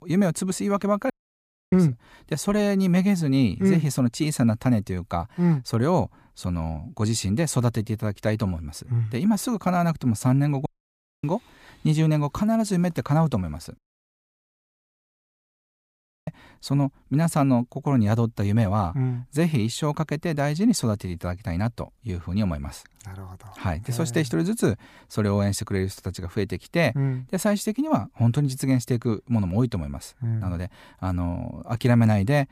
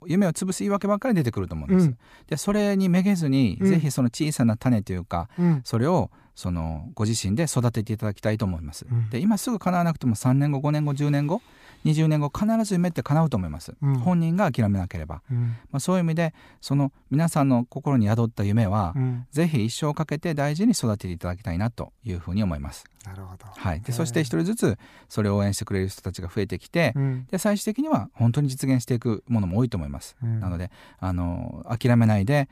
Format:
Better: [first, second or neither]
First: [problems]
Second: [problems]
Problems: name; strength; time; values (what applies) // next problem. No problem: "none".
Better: second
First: audio cutting out; at 1 s for 0.5 s, at 11 s for 0.5 s and at 14 s for 2.5 s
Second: none